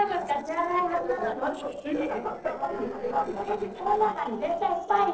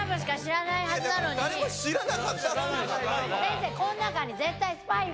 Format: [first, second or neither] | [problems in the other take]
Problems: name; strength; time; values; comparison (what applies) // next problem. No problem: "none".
second | noise reduction (neural separator model SepFormer DNS4)